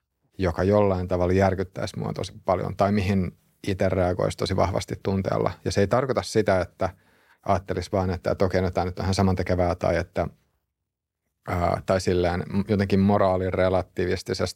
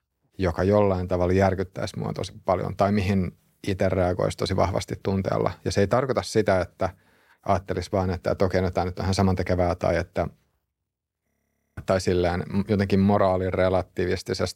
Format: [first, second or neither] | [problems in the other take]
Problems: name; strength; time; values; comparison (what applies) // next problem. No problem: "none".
first | audio freezing; at 11 s